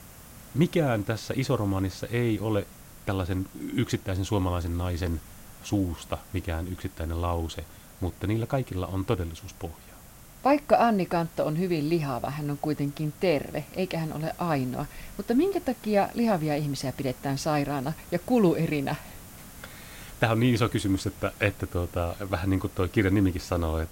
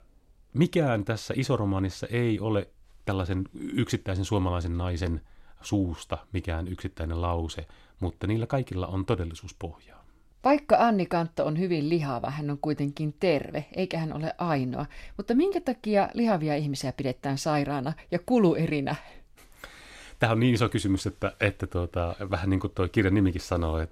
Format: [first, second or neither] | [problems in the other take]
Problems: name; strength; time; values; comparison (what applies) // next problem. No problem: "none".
second | hiss; noticeable; throughout; 20 dB below the speech